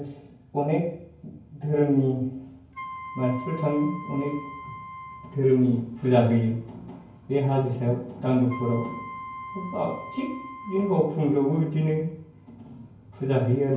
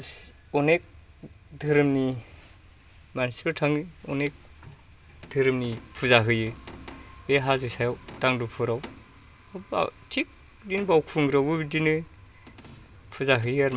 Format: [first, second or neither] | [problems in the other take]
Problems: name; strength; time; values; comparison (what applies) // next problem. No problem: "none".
second | background sound (Wind instrument, woodwind instrument); 14 dB below the speech // room echo; dies away in 0.9 s